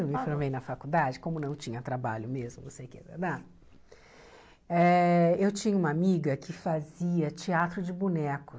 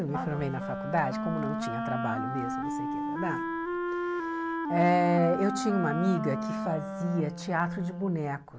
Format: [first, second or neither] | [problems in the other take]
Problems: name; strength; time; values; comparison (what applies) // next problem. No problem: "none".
first | background sound (Wind instrument, woodwind instrument); 3 dB below the speech